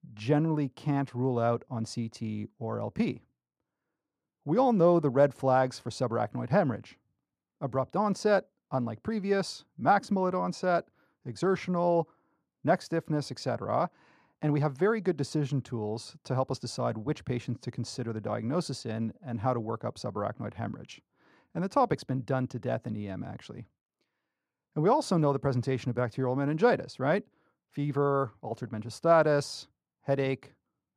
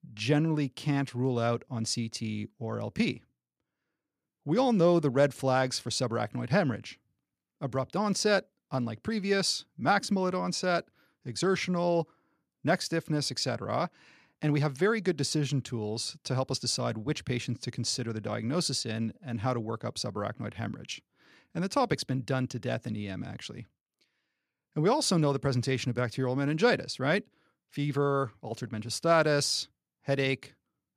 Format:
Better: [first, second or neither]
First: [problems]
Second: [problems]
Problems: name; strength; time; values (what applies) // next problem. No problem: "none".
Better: second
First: muffled; slightly; fading above 1.5 kHz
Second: none